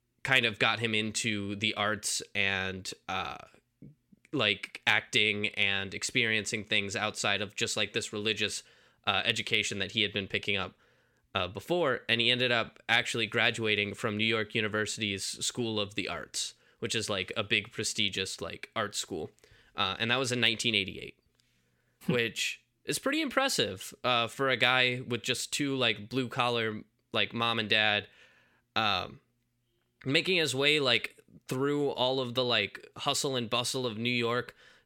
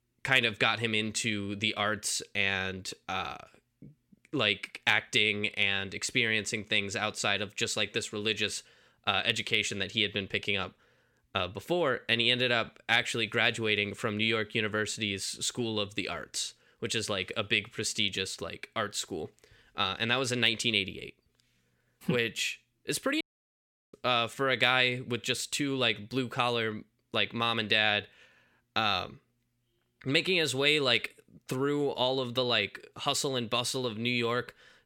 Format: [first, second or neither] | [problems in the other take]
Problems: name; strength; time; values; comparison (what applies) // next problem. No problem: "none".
first | audio cutting out; at 23 s for 0.5 s